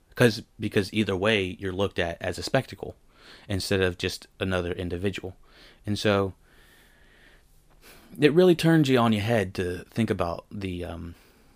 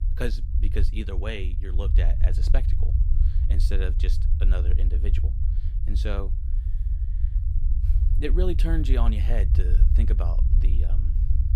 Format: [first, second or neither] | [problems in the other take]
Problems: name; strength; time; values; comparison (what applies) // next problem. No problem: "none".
first | low rumble; loud; throughout; 8 dB below the speech